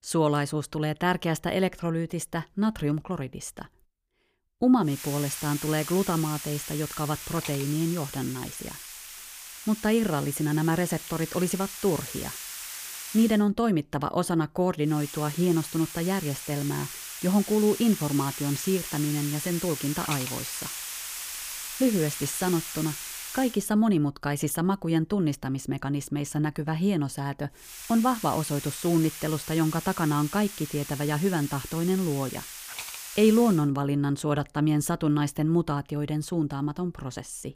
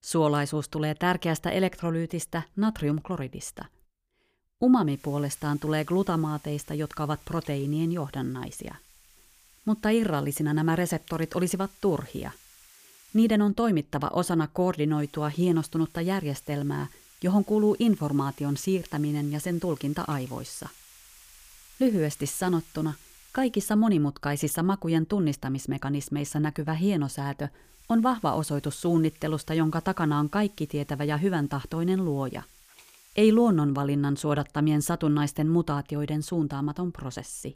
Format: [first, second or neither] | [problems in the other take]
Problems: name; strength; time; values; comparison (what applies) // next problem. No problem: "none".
second | hiss; loud; from 5 to 13 s, from 15 to 24 s and from 28 to 34 s; 9 dB below the speech; faint in the second